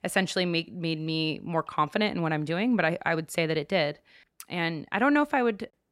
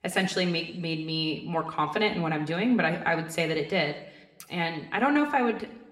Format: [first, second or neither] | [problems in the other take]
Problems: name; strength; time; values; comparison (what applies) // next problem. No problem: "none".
first | room echo; slight; dies away in 0.7 s